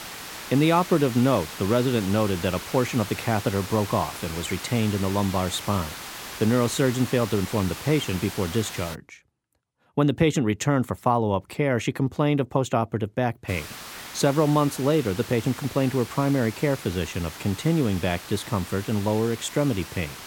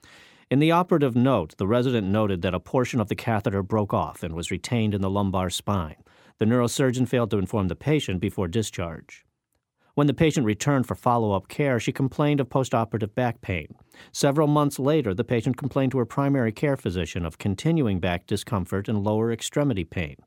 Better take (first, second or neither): second